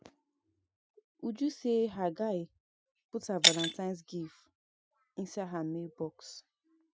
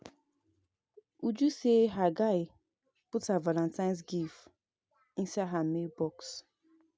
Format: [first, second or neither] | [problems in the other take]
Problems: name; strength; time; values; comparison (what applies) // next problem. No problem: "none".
second | noise reduction (classical method Wiener filter)